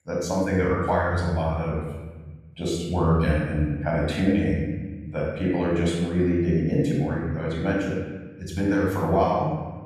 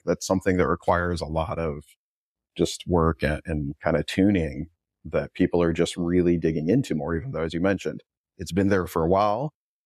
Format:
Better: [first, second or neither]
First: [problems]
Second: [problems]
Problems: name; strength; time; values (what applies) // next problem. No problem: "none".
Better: second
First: off-mic speech; far // room echo; noticeable; dies away in 1.4 s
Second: none